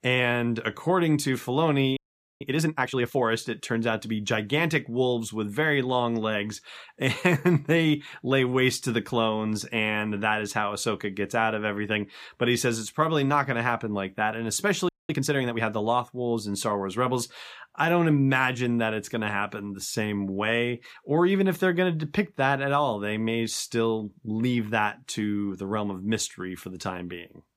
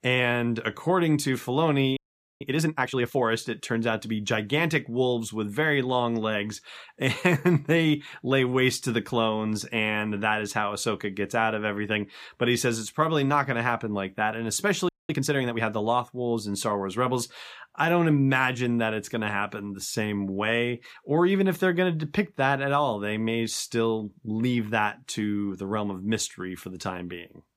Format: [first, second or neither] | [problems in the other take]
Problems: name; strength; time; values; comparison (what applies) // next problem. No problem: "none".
neither | audio freezing; at 2 s and at 15 s; the same in both